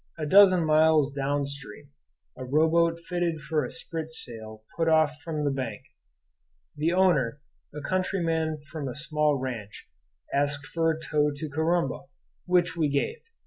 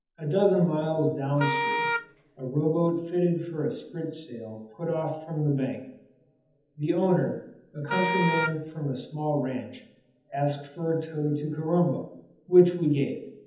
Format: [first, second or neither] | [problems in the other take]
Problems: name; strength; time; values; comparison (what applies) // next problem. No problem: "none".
first | background sound (Wind instrument, woodwind instrument); 2 dB below the speech // room echo; dies away in 0.8 s